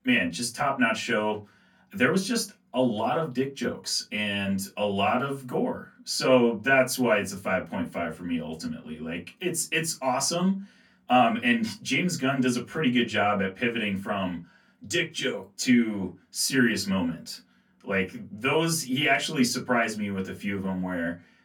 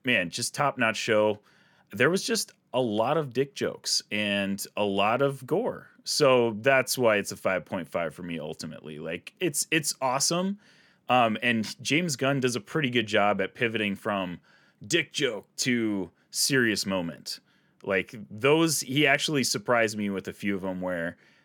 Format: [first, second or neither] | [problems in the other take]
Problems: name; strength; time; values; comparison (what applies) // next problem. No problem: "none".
second | off-mic speech; far // room echo; very slight; dies away in 0.2 s